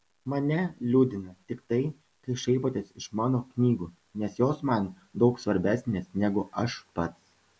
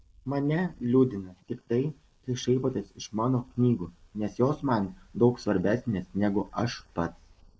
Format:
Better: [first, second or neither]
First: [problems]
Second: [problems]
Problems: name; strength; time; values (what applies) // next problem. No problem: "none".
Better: first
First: none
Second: noise reduction (neural mask model Resemble Enhance denoiser)